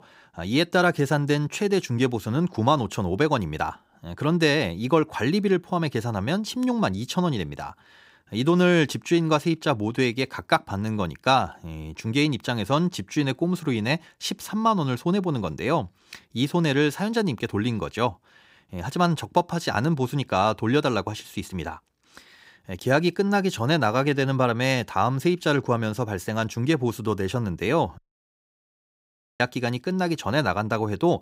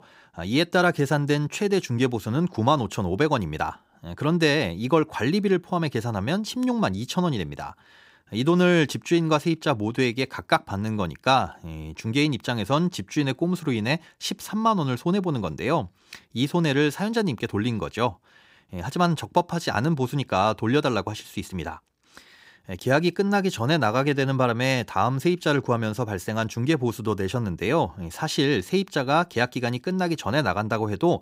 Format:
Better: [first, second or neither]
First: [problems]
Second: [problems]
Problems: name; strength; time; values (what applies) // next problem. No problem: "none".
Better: second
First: audio cutting out; at 28 s for 1.5 s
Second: none